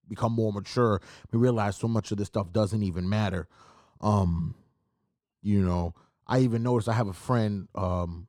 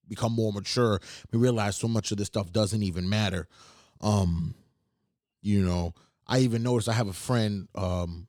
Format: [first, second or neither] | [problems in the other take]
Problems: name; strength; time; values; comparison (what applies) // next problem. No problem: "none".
second | muffled; slightly; fading above 2 kHz